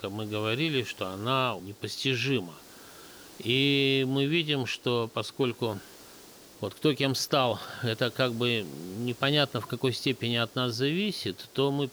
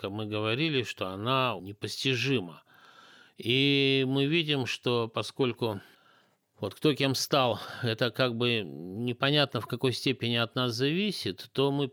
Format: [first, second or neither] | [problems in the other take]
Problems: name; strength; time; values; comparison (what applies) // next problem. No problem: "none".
second | hiss; faint; throughout; 20 dB below the speech